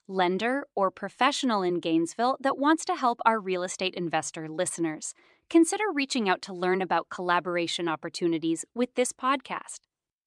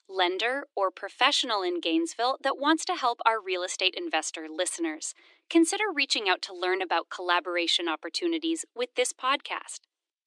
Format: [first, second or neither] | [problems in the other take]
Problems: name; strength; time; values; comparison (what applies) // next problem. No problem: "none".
first | thin; somewhat; fading below 300 Hz